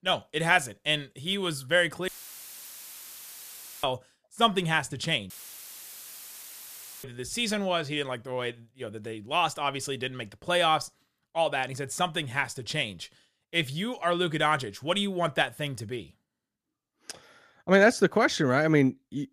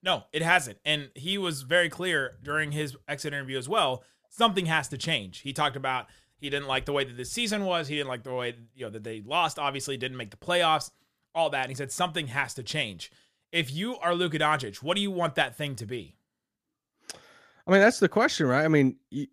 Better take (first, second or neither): second